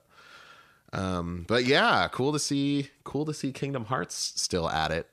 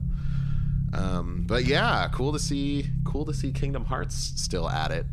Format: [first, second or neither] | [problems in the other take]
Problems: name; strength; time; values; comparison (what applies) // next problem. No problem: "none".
first | low rumble; noticeable; throughout; 15 dB below the speech